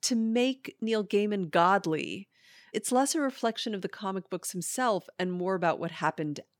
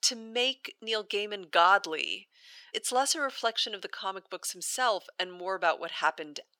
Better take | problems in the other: first | thin; very; fading below 650 Hz

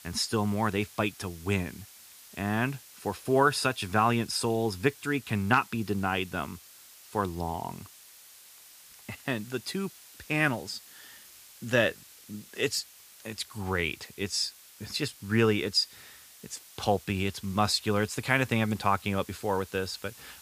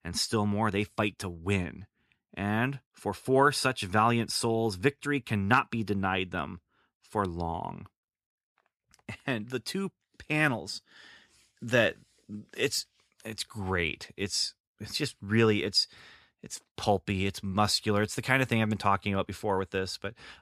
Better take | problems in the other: second | hiss; noticeable; throughout; 20 dB below the speech

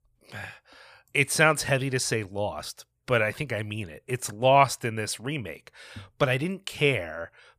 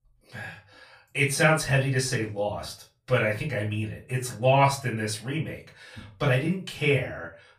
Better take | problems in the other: first | off-mic speech; far // room echo; very slight; dies away in 0.3 s

